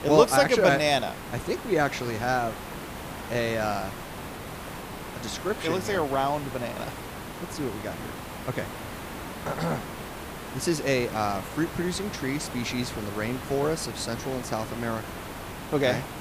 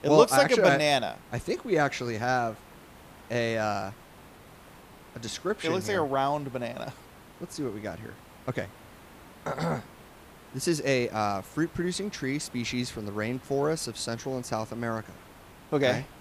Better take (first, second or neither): second